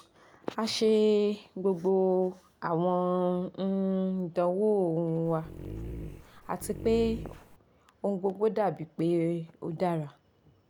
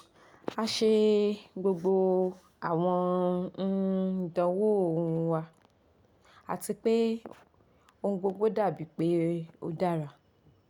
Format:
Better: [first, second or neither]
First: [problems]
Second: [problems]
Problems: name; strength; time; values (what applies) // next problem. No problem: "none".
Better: second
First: background sound (Dog); 11 dB below the speech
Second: none